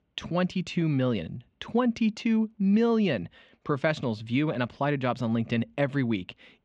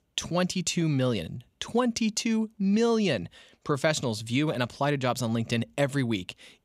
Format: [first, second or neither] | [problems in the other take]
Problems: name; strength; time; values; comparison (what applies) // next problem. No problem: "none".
second | muffled; slightly; fading above 2.5 kHz